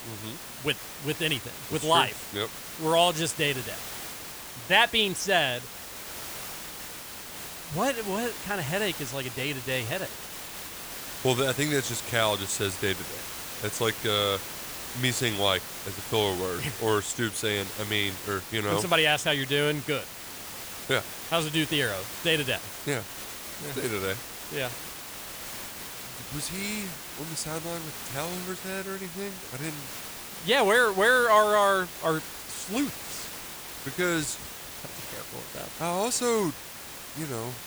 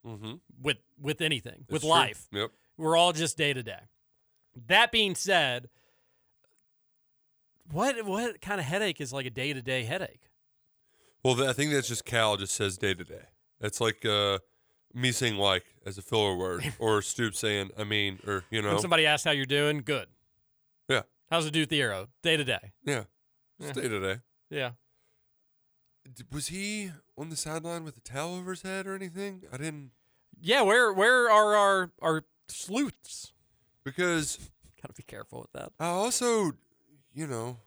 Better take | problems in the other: second | hiss; loud; throughout; 9 dB below the speech

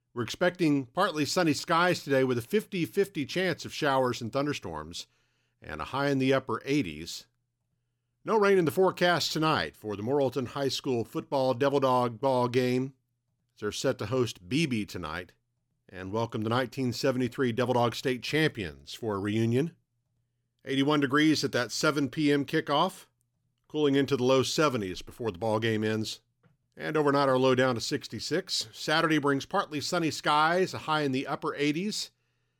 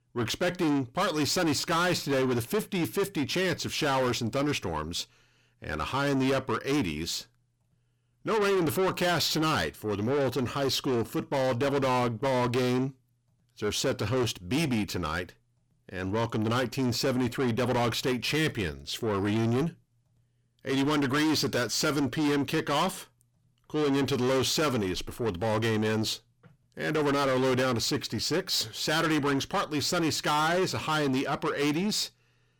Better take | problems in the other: first | distortion; heavy; 7 dB below the speech

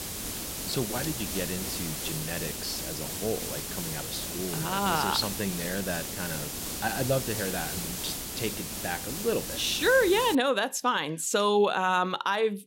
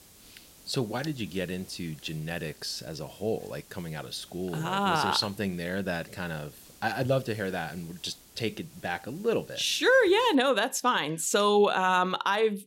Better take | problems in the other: second | hiss; loud; until 10 s; 4 dB below the speech; faint in the second

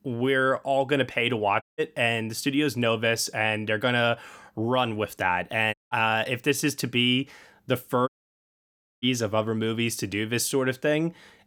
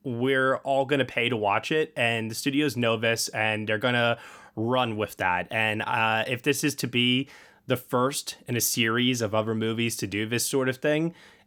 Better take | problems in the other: second | audio cutting out; at 1.5 s, at 5.5 s and at 8 s for 1 s

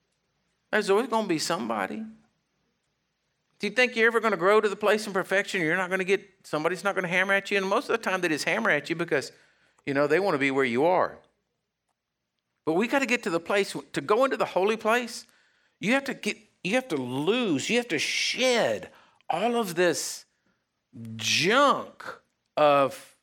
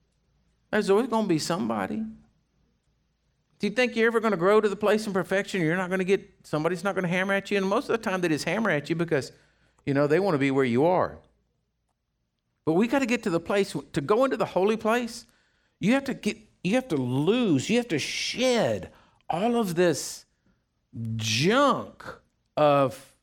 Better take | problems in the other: second | thin; very slightly; fading below 400 Hz

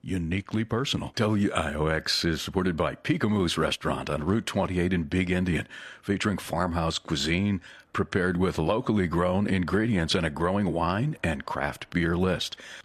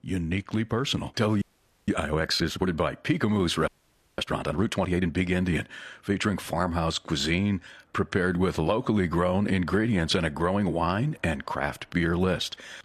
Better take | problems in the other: first | audio freezing; at 1.5 s and at 3.5 s

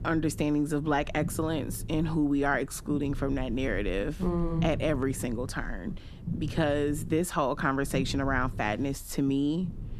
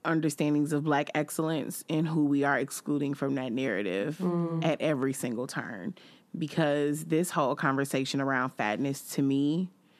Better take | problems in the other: second | low rumble; noticeable; throughout; 20 dB below the speech

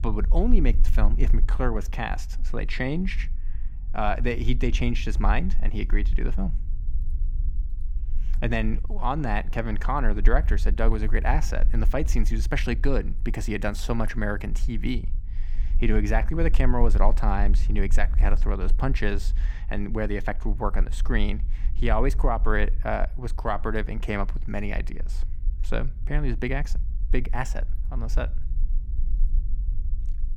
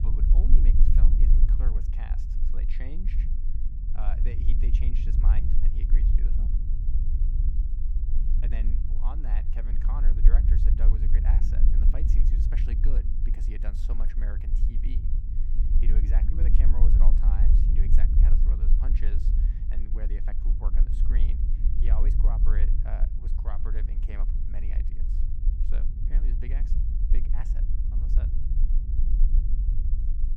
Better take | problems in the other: first | low rumble; loud; throughout; 1 dB below the speech; faint in the first

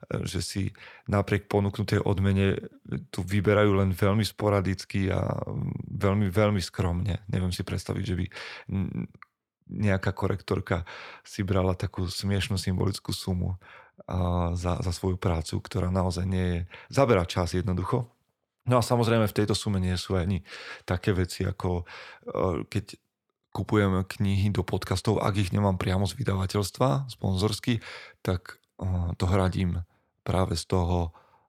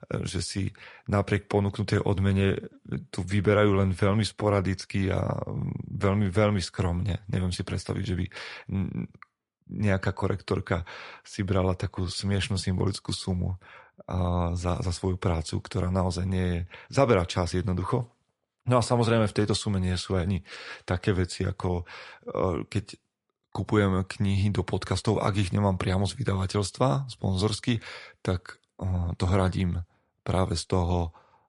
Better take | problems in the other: first | garbled, watery; slightly; nothing above 10.5 kHz

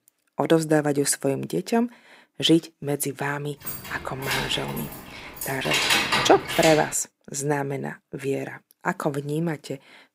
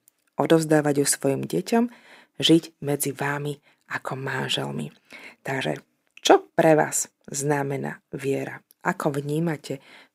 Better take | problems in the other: second | jangling keys; loud; from 3.5 to 7 s; peak 6 dB above the speech

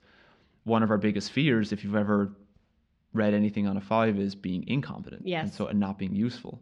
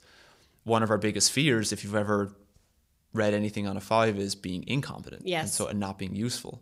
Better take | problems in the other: second | muffled; slightly; fading above 3.5 kHz

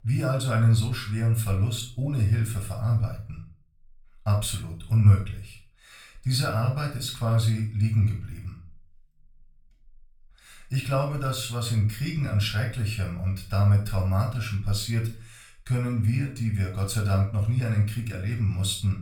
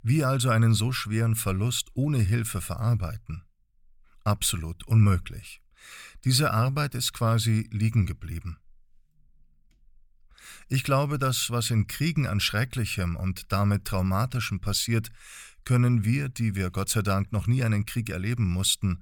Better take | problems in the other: second | off-mic speech; somewhat distant // room echo; slight; dies away in 0.3 s

